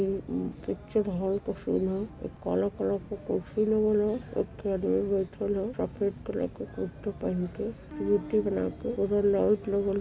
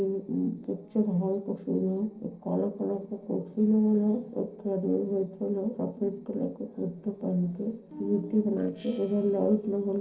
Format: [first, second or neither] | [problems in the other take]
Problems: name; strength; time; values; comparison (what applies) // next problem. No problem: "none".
first | noise reduction (neural separator model SepFormer DNS4)